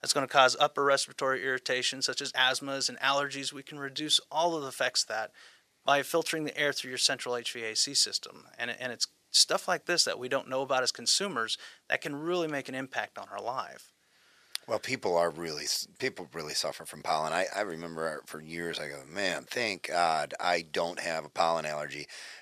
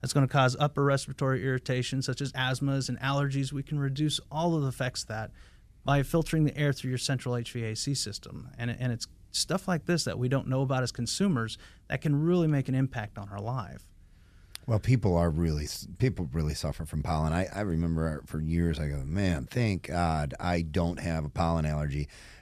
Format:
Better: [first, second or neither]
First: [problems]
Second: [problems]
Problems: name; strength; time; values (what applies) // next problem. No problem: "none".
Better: second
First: thin; very; fading below 550 Hz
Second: none